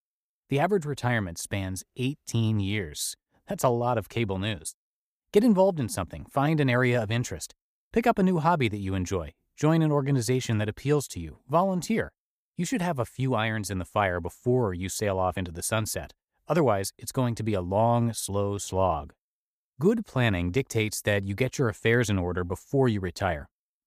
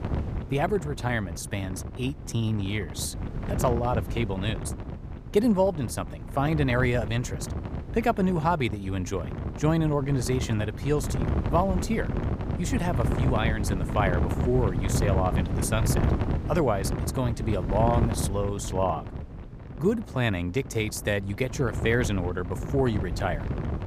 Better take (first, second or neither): first